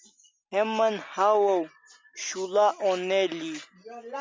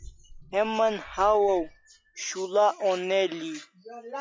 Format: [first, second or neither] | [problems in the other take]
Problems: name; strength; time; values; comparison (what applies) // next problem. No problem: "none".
first | noise reduction (classical method log-MMSE)